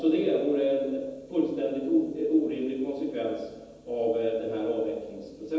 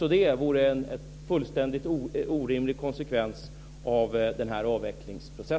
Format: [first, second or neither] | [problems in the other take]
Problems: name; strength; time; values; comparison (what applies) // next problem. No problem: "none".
second | room echo; dies away in 1.1 s